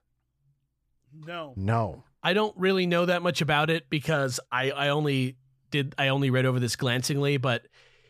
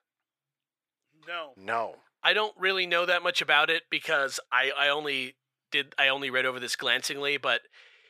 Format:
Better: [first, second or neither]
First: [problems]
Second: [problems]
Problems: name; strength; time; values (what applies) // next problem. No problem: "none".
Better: first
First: none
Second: thin; very; fading below 550 Hz